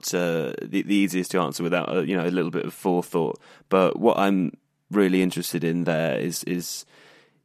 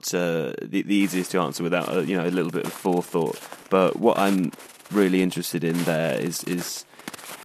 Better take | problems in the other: first | footsteps; faint; from 1 s on; peak 10 dB below the speech

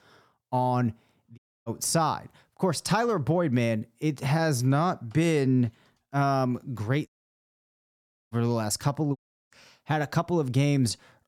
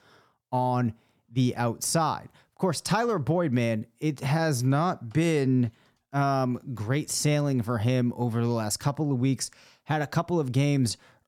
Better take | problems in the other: second | audio cutting out; at 1.5 s, at 7 s for 1 s and at 9 s

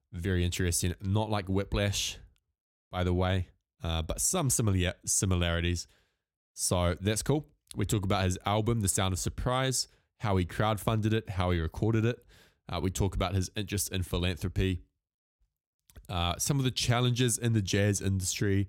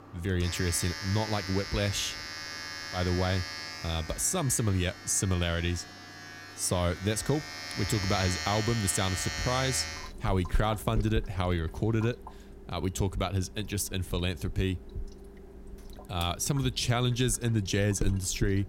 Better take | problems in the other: first | household noises; loud; throughout; 8 dB below the speech

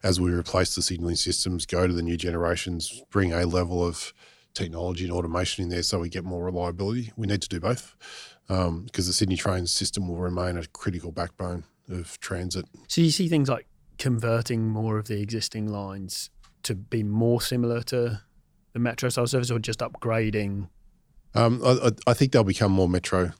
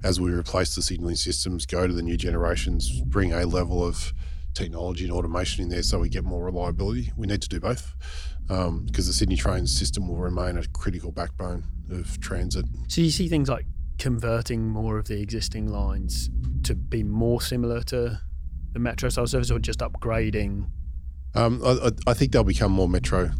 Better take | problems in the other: first | low rumble; faint; throughout; 20 dB below the speech

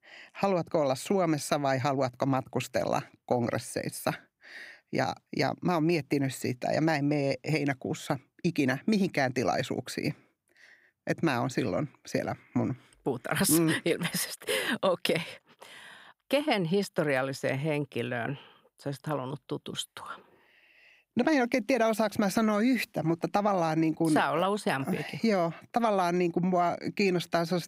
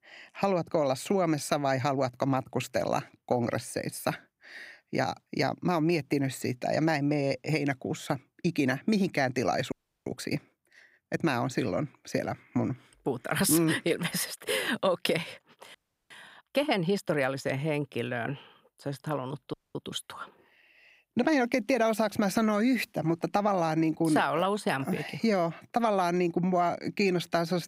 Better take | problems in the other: first | audio freezing; at 9.5 s, at 16 s and at 20 s

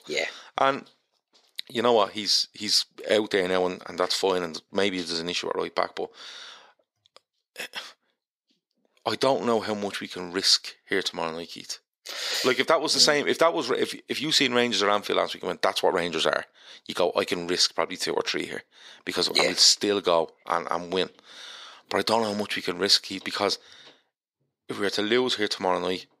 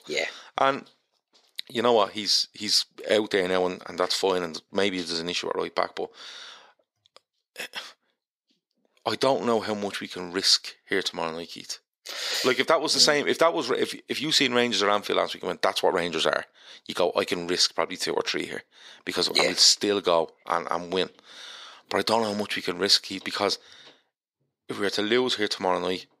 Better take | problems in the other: neither | thin; somewhat; fading below 450 Hz; the same in both

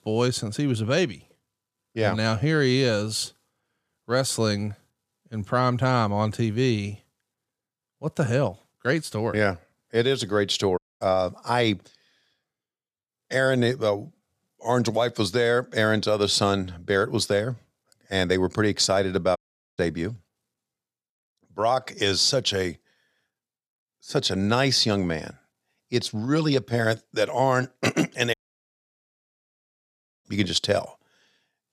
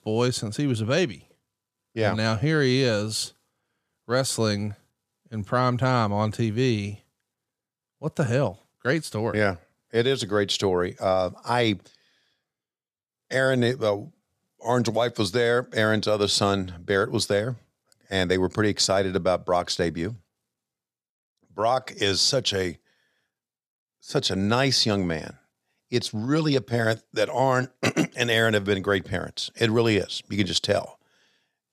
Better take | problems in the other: second | audio cutting out; at 11 s, at 19 s and at 28 s for 2 s

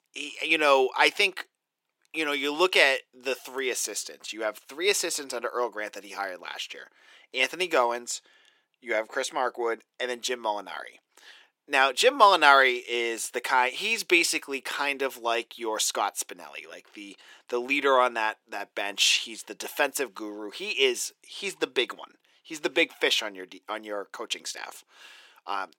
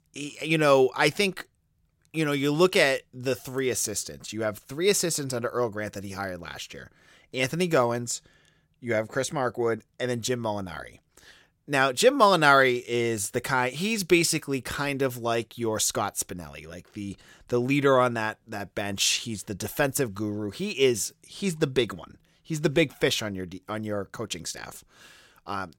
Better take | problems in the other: second | thin; somewhat; fading below 300 Hz

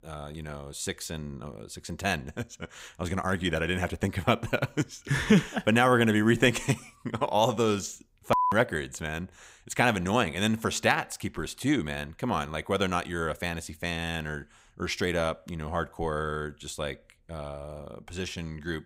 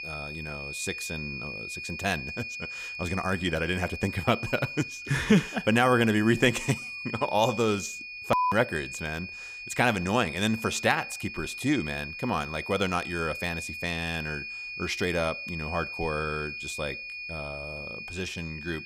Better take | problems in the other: first | high-pitched whine; loud; throughout; 2.5 kHz, 8 dB below the speech

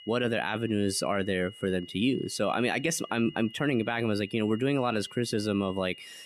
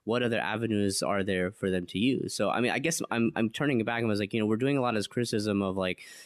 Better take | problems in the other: second | high-pitched whine; noticeable; throughout; 3 kHz, 20 dB below the speech

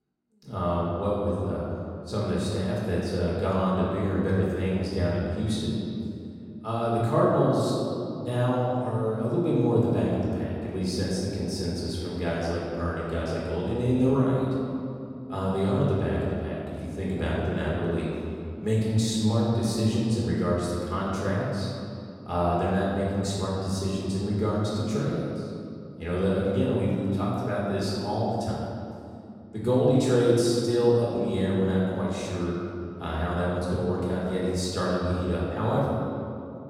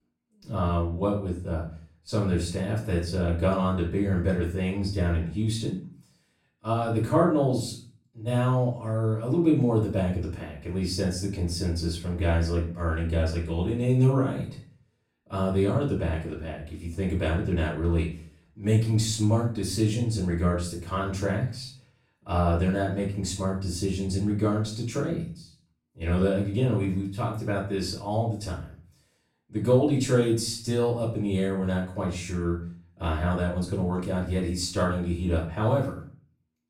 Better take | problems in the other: second | room echo; strong; dies away in 2.5 s; slight in the second // off-mic speech; far; far in the second

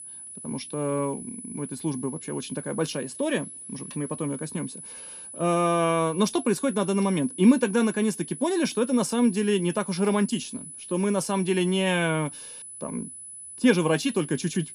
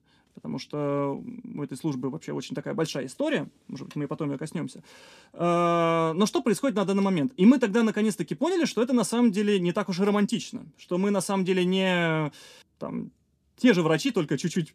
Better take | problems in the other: second | high-pitched whine; noticeable; throughout; 10 kHz, 10 dB below the speech

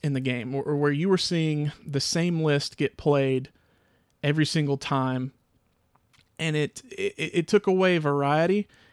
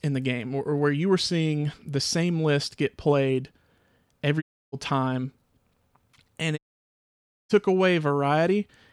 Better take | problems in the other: first | audio cutting out; at 4.5 s and at 6.5 s for 1 s

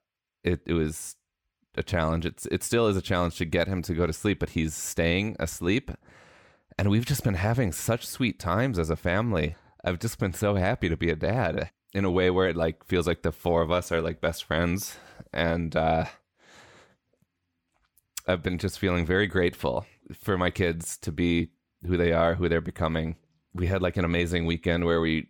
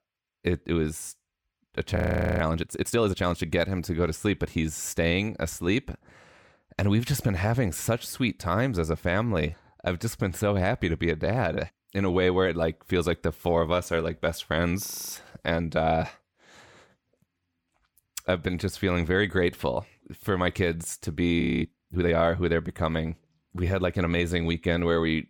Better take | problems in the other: first | audio freezing; at 2 s, at 15 s and at 21 s

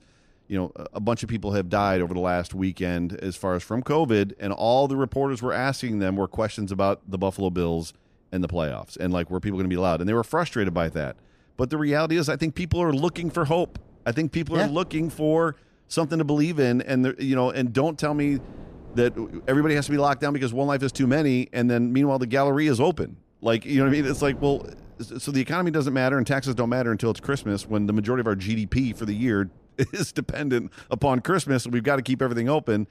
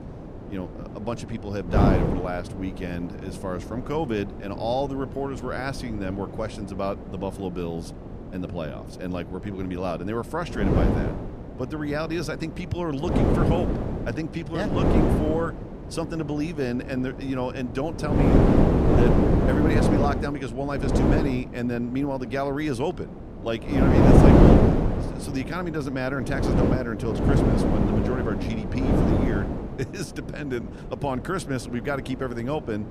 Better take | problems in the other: first | wind noise on the microphone; heavy; 5 dB above the speech; occasional gusts in the first

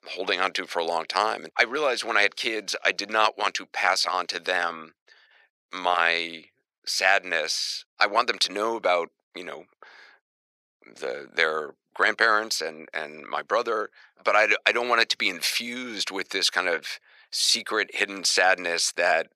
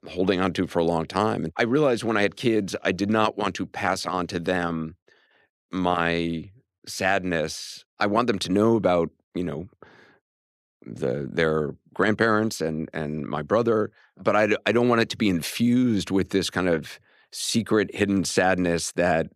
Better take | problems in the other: second | thin; very; fading below 750 Hz

